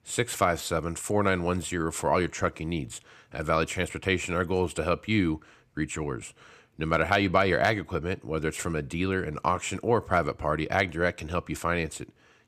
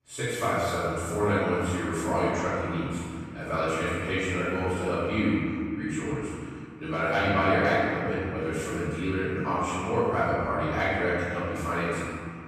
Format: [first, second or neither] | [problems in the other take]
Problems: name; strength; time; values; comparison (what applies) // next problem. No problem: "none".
first | off-mic speech; far // room echo; strong; dies away in 2.3 s